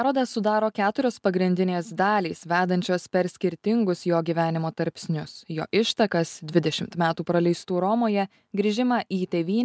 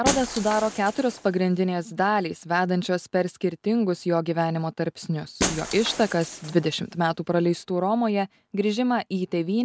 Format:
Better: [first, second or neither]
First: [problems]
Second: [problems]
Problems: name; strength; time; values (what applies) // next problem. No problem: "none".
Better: first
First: none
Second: background sound (Shatter); 12 dB below the speech